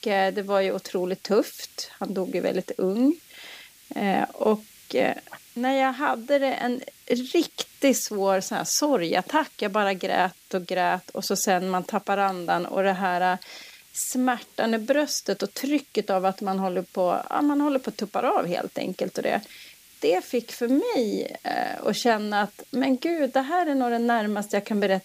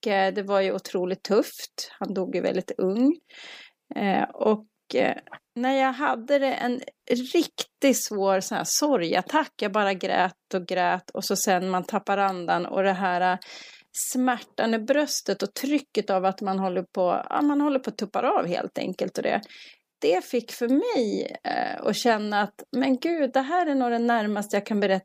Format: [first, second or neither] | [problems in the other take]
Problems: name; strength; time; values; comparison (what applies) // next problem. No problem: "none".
second | hiss; faint; throughout; 25 dB below the speech